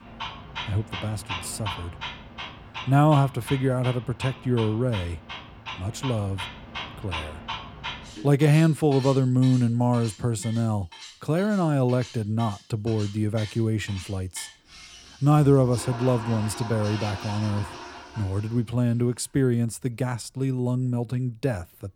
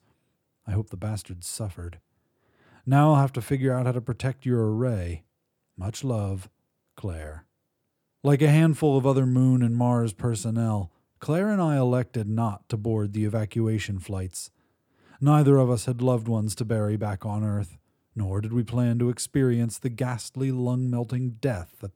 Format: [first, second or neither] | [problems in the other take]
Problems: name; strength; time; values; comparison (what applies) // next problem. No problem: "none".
second | household noises; noticeable; throughout; 15 dB below the speech